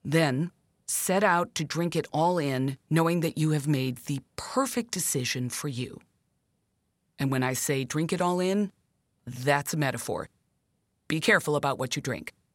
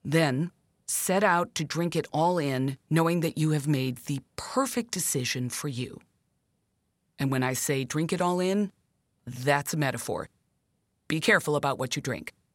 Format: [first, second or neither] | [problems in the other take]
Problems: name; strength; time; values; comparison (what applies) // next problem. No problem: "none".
neither | none